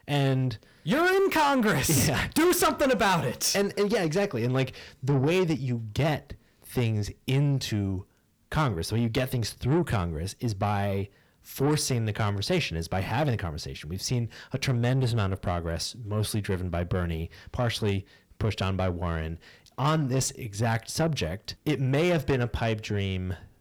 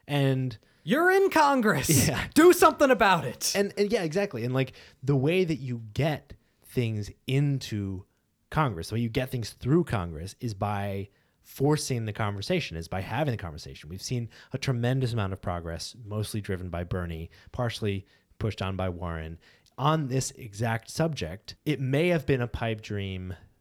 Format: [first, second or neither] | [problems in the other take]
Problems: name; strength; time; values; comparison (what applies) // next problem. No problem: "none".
second | distortion; heavy; 7 dB below the speech